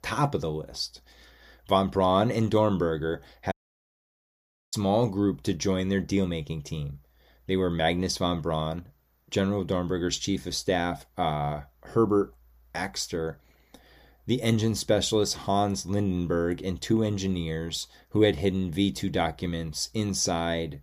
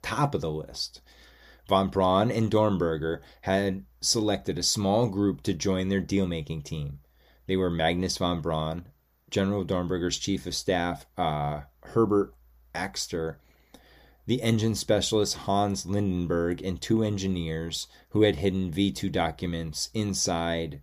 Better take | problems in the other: second | audio cutting out; at 3.5 s for 1 s

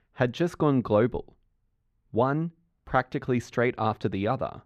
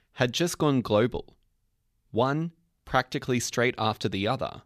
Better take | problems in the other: second | muffled; very; fading above 3 kHz

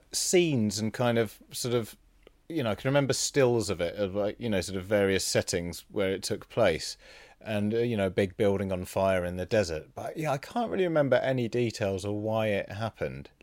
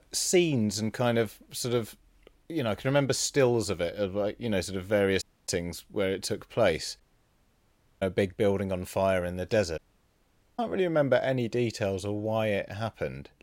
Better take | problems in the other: first | audio cutting out; at 5 s, at 7 s for 1 s and at 10 s for 1 s

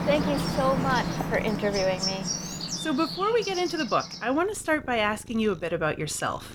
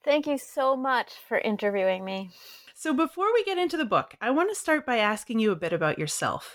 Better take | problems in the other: second | animal sounds; loud; throughout; 4 dB below the speech

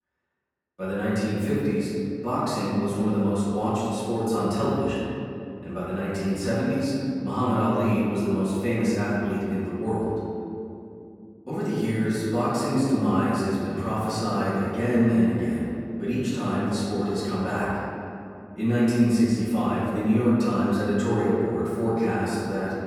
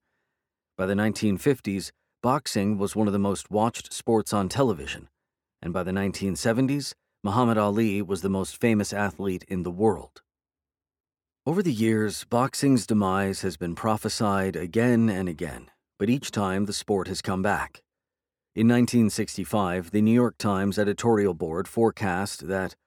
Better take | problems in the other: second | off-mic speech; far // room echo; strong; dies away in 2.6 s

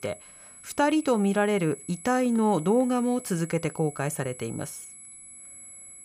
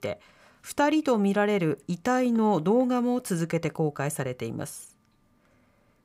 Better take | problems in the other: second | high-pitched whine; noticeable; throughout; 11 kHz, 15 dB below the speech

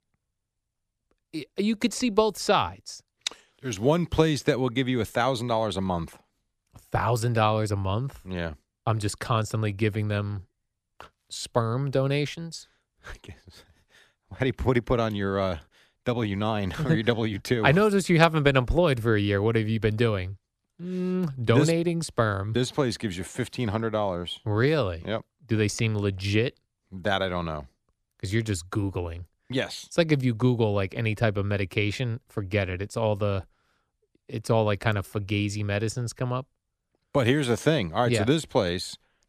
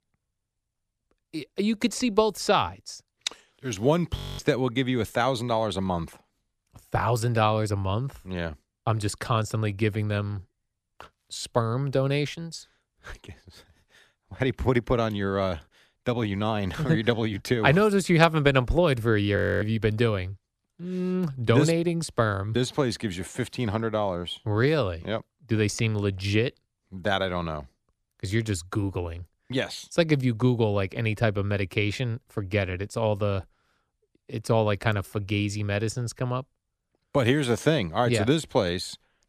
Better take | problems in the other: first | audio freezing; at 4 s and at 19 s

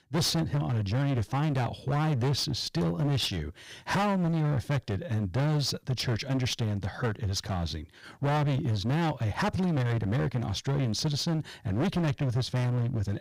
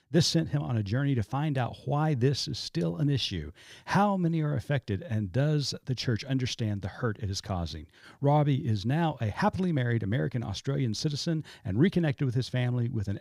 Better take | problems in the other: second | distortion; heavy; 22% of the sound clipped

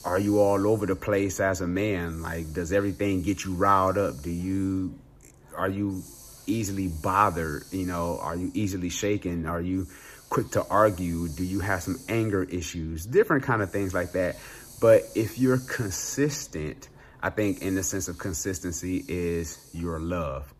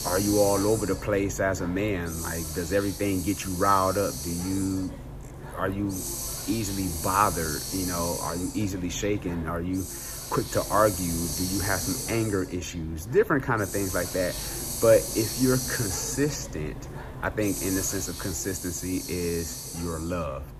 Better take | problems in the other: first | hiss; loud; throughout; 5 dB below the speech; faint in the first

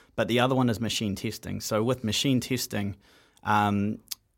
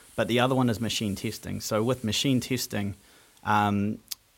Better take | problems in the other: first | hiss; faint; throughout; 25 dB below the speech

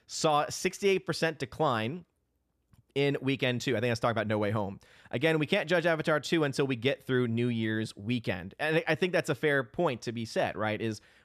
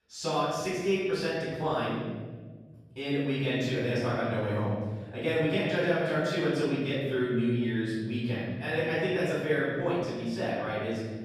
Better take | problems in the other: first | off-mic speech; far // room echo; strong; dies away in 1.7 s

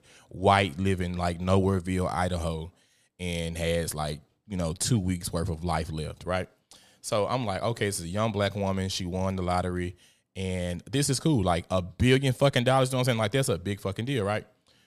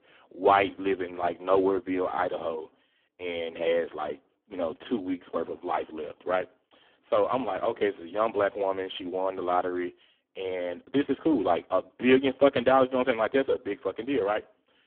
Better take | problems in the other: first | phone-call audio; poor line

